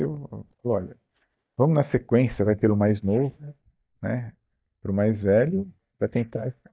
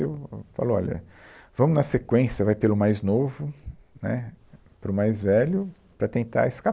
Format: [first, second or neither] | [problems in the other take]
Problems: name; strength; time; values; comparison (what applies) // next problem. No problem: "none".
second | noise reduction (neural mask model DeepFilterNet 3)